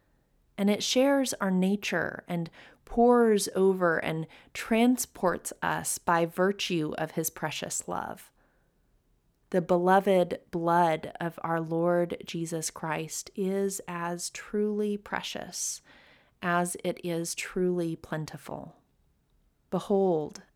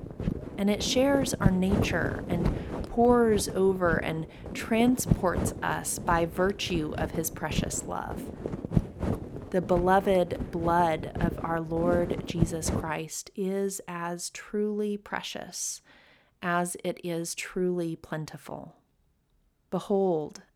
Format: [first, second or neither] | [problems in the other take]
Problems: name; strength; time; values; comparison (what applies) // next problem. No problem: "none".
first | wind noise on the microphone; heavy; until 13 s; 10 dB below the speech